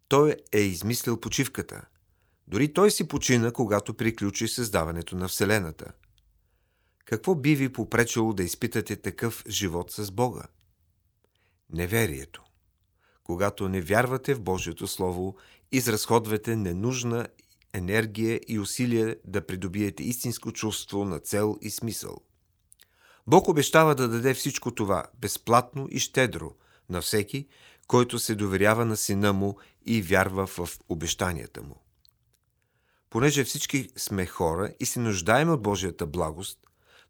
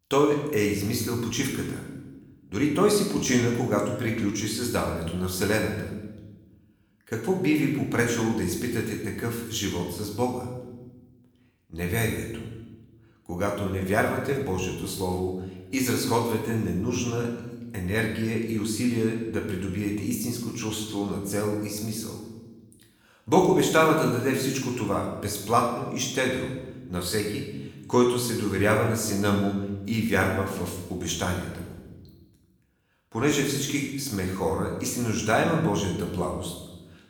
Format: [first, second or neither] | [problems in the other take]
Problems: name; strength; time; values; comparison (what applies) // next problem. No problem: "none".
first | room echo; noticeable; dies away in 1 s // off-mic speech; somewhat distant